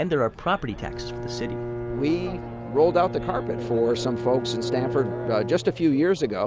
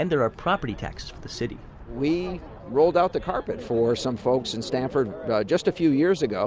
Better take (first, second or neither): second